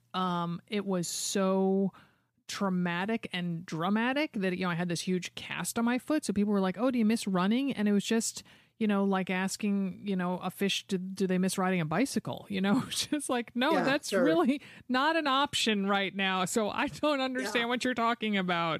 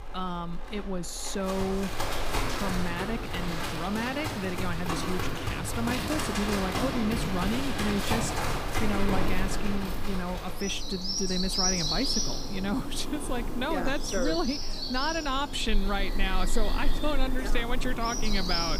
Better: first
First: none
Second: animal sounds; very loud; throughout; as loud as the speech

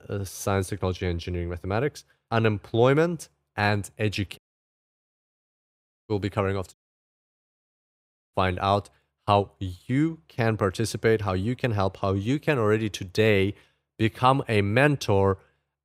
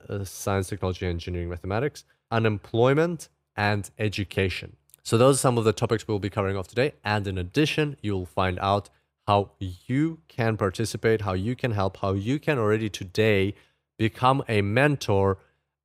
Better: second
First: audio cutting out; at 4.5 s for 1.5 s and at 6.5 s for 1.5 s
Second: none

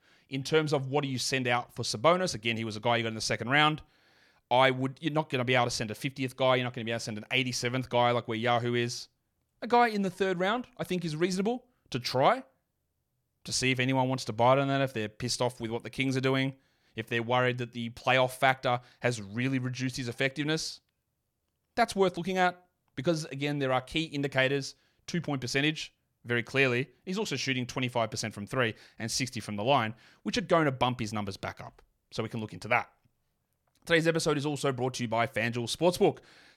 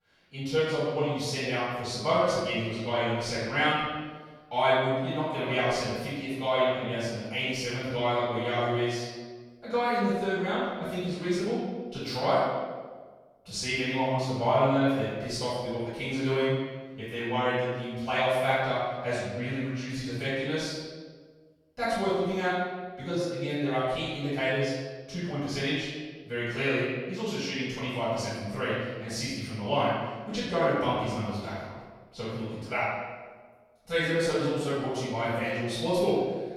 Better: first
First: none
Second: off-mic speech; far // room echo; strong; dies away in 1.2 s

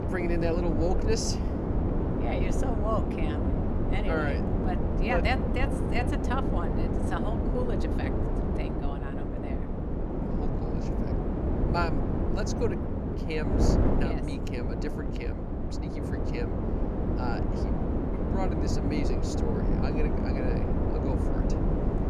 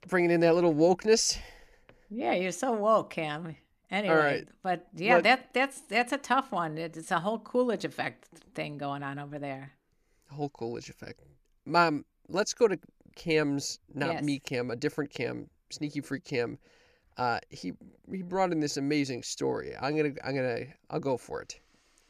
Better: second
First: wind noise on the microphone; heavy; as loud as the speech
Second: none

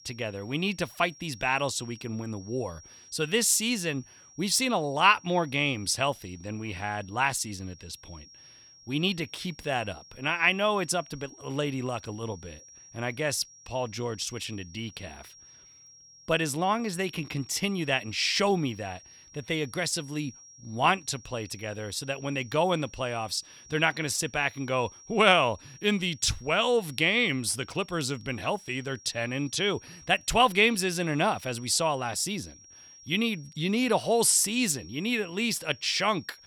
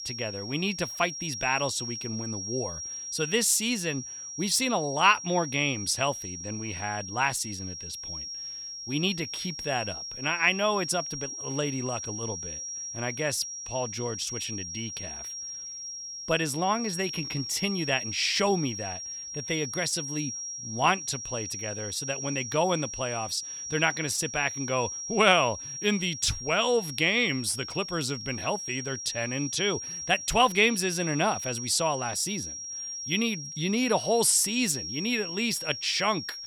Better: first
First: high-pitched whine; faint; throughout; 5.5 kHz, 20 dB below the speech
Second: high-pitched whine; loud; throughout; 5.5 kHz, 7 dB below the speech

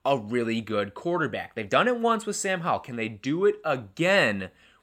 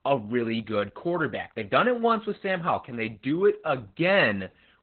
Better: first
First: none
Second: garbled, watery; badly; nothing above 4 kHz

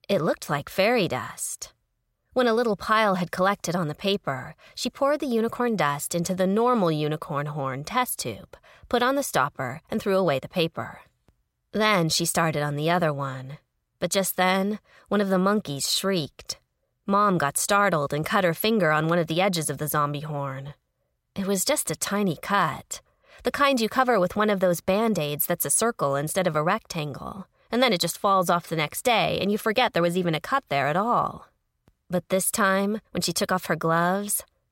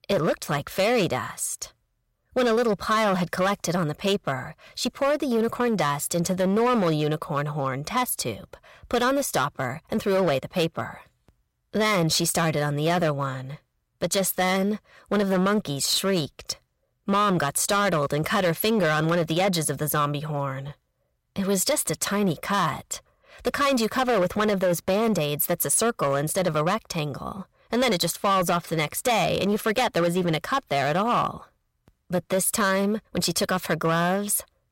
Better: first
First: none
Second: distortion; slight; 9% of the sound clipped

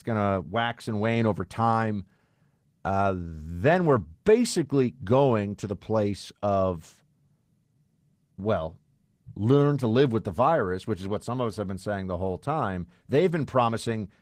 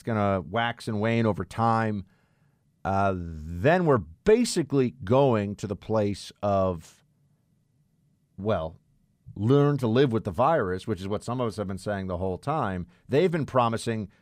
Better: second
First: garbled, watery; slightly; nothing above 15.5 kHz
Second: none

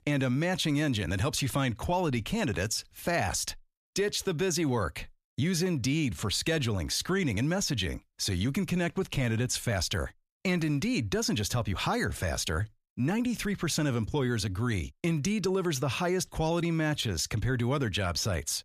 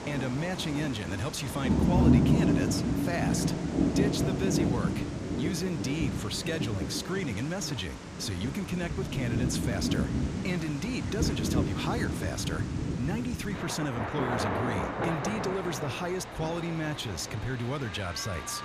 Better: first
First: none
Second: rain or running water; very loud; throughout; 3 dB above the speech

